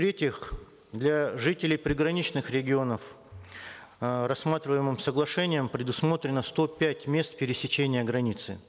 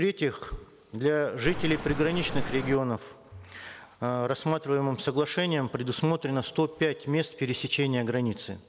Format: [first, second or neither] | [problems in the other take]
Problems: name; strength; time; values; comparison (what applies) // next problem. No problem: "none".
first | background sound (Cricket); 3 dB below the speech